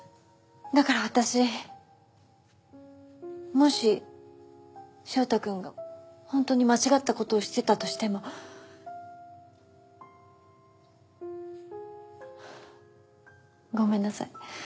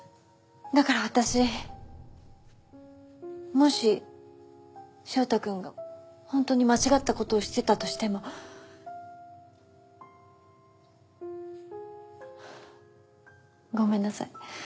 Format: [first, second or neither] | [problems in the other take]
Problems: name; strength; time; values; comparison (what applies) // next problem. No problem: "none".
first | background sound (Drum); 16 dB below the speech